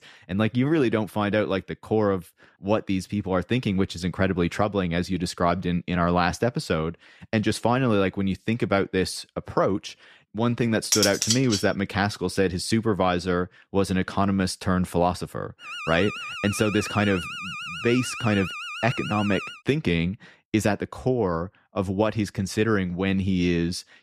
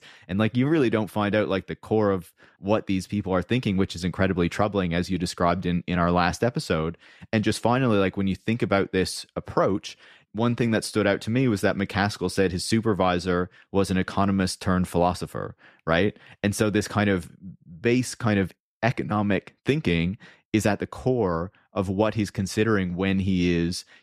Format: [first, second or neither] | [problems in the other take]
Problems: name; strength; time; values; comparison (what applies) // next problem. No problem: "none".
second | clattering dishes; loud; at 11 s; peak 3 dB above the speech // alarm; noticeable; from 16 to 20 s; peak 7 dB below the speech